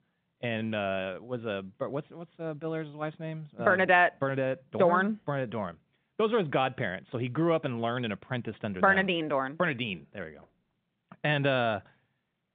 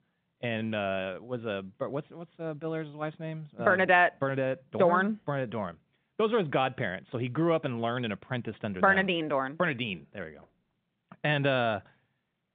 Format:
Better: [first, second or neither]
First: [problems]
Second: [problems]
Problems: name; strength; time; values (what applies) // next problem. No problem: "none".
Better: neither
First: phone-call audio; nothing above 3.5 kHz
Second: phone-call audio; nothing above 3.5 kHz